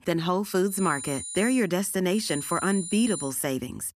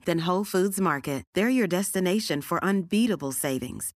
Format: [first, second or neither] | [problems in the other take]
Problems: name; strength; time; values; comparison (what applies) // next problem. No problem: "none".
second | high-pitched whine; loud; at 0.5 s and from 2 to 3.5 s; 9.5 kHz, 8 dB below the speech